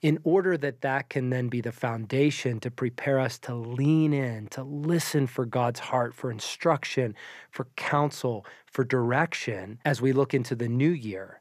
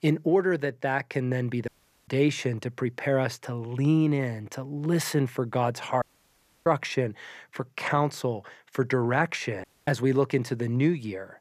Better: first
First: none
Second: audio cutting out; at 1.5 s, at 6 s for 0.5 s and at 9.5 s

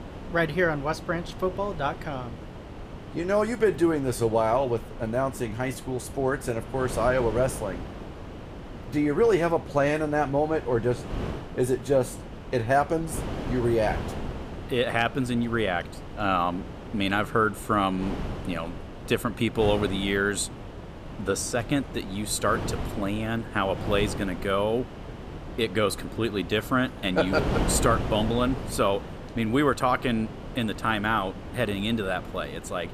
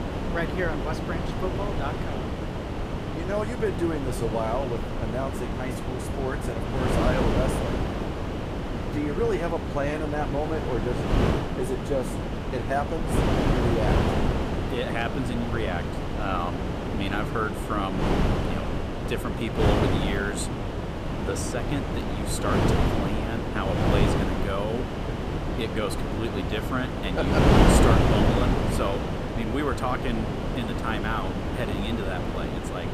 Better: first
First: wind noise on the microphone; occasional gusts; 15 dB below the speech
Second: wind noise on the microphone; heavy; 1 dB above the speech

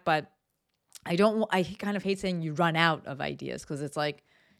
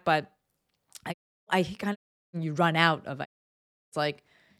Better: first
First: none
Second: audio cutting out; at 1 s, at 2 s and at 3.5 s for 0.5 s

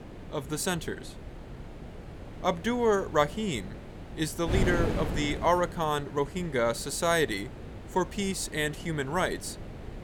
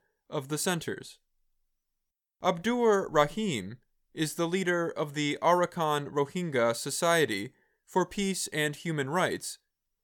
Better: second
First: wind noise on the microphone; occasional gusts; 15 dB below the speech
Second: none

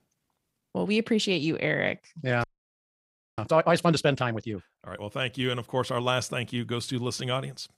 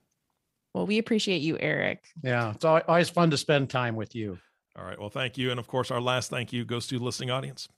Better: second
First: audio freezing; at 2.5 s for 1 s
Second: none

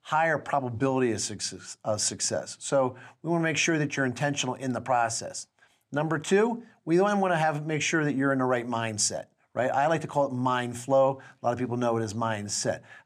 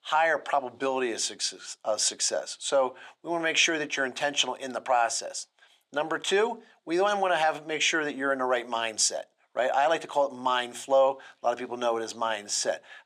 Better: first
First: none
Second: thin; somewhat; fading below 500 Hz

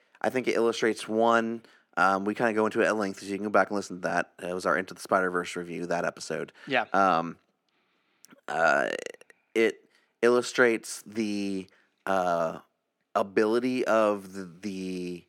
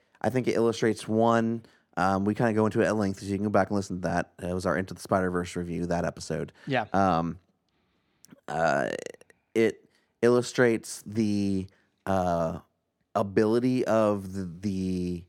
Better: second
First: thin; very slightly; fading below 250 Hz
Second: none

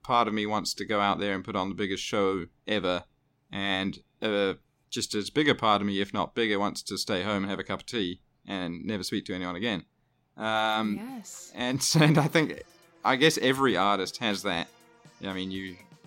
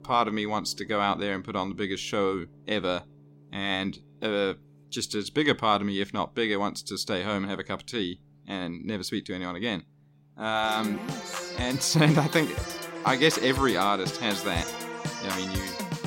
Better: first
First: background music; faint; throughout; 30 dB below the speech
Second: background music; loud; throughout; 7 dB below the speech

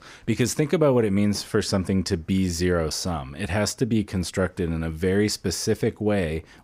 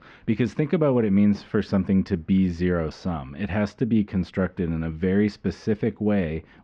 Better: first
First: none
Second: muffled; slightly; fading above 3 kHz

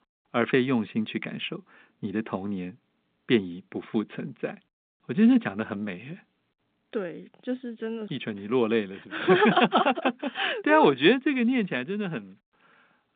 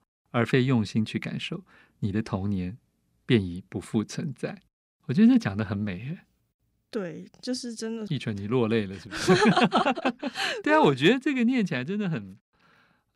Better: second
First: phone-call audio; nothing above 3.5 kHz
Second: none

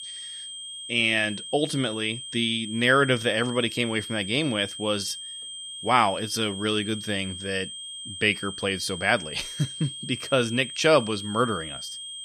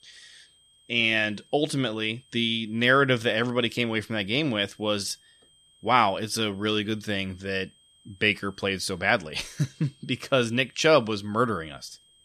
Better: second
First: high-pitched whine; loud; throughout; 3 kHz, 10 dB below the speech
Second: high-pitched whine; faint; throughout; 3 kHz, 30 dB below the speech

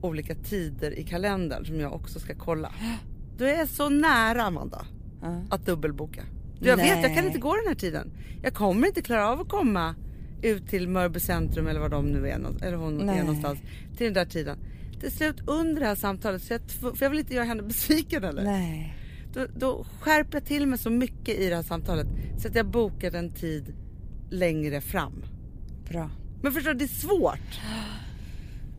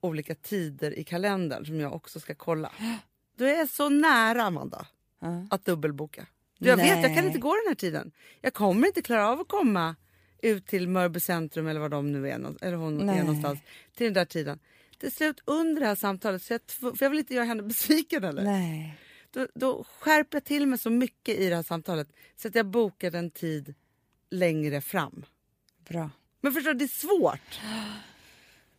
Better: second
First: wind noise on the microphone; occasional gusts; 25 dB below the speech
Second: none

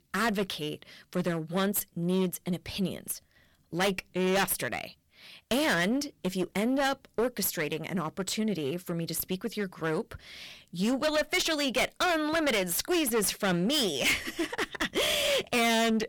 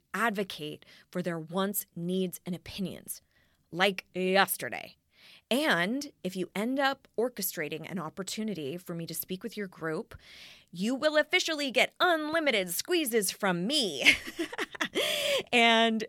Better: second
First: distortion; heavy; 14% of the sound clipped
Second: none

